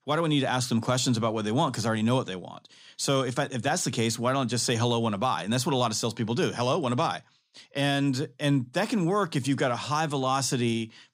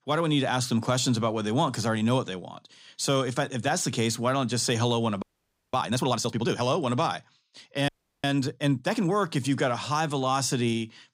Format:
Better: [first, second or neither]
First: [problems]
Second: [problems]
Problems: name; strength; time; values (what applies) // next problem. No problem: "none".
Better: first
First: none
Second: audio freezing; at 5 s for 0.5 s and at 8 s